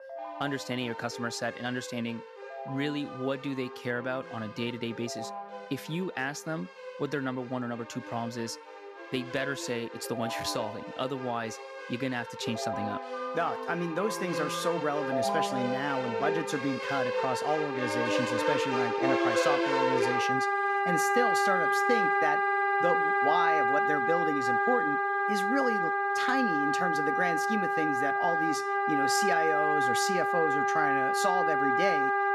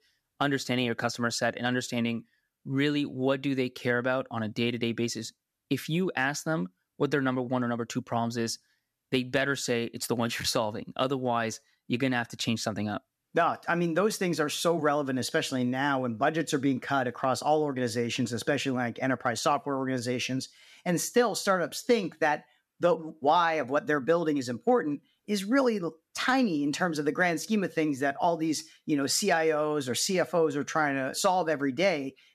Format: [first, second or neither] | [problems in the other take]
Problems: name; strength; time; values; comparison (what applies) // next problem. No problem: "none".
second | background music; very loud; throughout; 5 dB above the speech